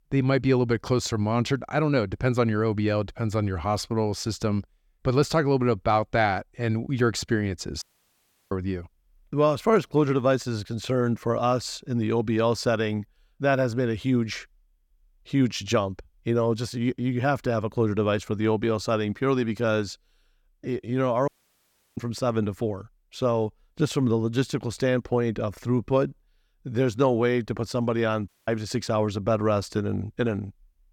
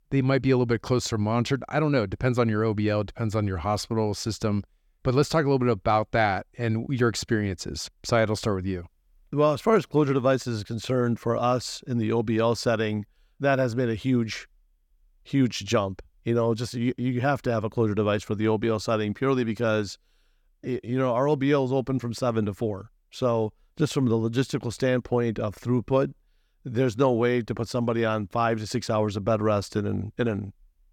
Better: second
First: audio cutting out; at 8 s for 0.5 s, at 21 s for 0.5 s and at 28 s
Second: none

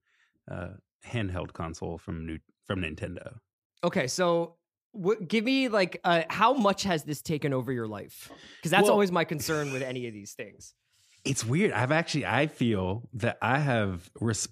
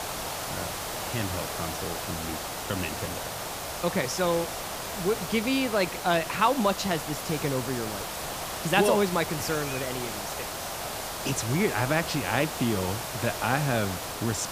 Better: first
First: none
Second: hiss; loud; throughout; 5 dB below the speech

